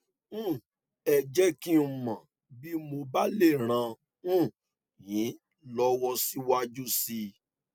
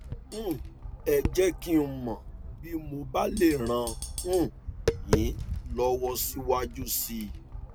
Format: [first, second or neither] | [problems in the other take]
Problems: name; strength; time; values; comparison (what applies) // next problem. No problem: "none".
first | background sound (Tap); 5 dB below the speech